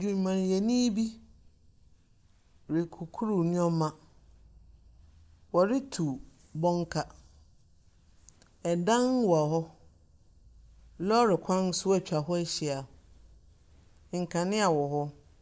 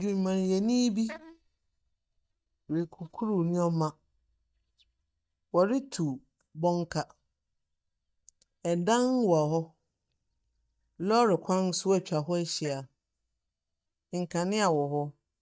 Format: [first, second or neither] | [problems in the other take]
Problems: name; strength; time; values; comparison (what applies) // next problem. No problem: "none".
first | noise reduction (neural mask model DeepFilterNet 3)